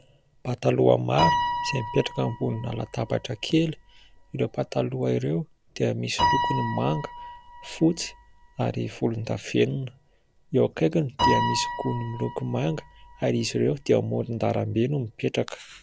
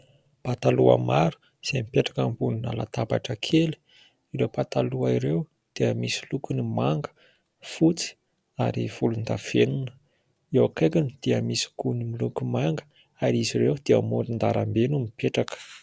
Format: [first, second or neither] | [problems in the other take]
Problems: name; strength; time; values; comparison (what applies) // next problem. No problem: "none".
second | background sound (Piano); 6 dB below the speech